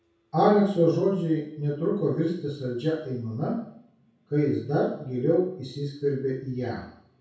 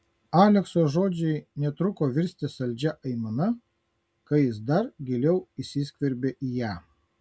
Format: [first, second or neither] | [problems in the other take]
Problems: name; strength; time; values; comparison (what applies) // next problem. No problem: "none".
second | room echo; dies away in 0.6 s